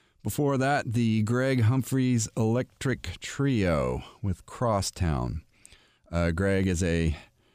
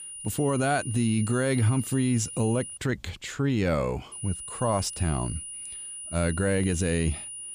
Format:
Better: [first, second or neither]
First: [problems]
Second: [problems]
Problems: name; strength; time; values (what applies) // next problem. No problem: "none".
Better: first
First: none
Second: high-pitched whine; loud; until 3 s and from 4 s on; 9.5 kHz, 9 dB below the speech